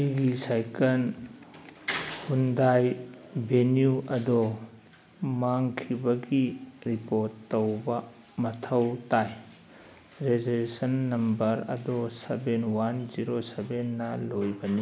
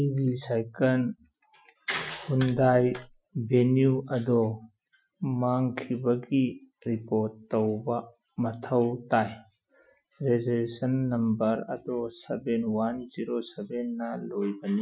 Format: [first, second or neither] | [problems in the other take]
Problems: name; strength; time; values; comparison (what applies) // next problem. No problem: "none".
first | noise reduction (classical method Wiener filter)